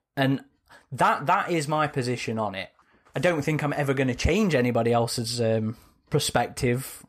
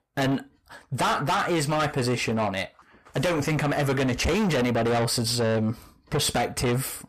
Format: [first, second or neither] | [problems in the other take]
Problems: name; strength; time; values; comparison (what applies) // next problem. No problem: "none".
first | distortion; heavy; 6 dB below the speech